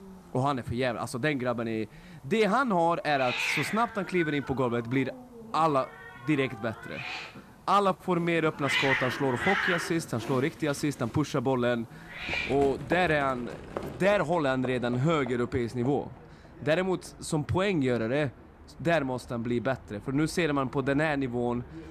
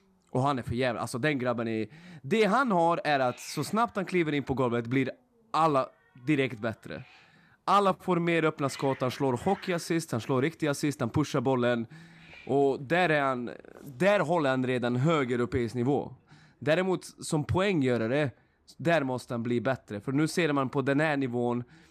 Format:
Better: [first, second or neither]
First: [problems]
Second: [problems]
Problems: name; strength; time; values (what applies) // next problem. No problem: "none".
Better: second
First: animal sounds; loud; throughout; 6 dB below the speech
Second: animal sounds; faint; throughout; 25 dB below the speech